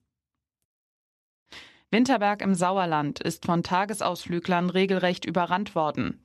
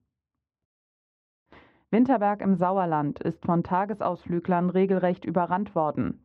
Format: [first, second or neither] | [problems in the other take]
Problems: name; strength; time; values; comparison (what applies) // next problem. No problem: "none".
first | muffled; very; fading above 3.5 kHz